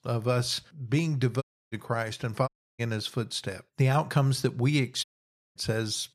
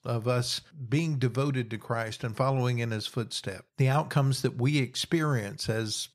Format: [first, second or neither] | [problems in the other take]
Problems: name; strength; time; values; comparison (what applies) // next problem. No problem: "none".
second | audio cutting out; at 1.5 s, at 2.5 s and at 5 s for 0.5 s